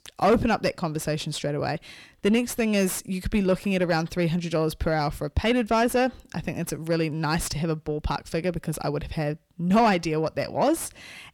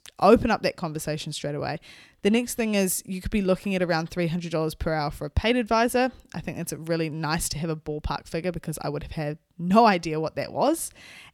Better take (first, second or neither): second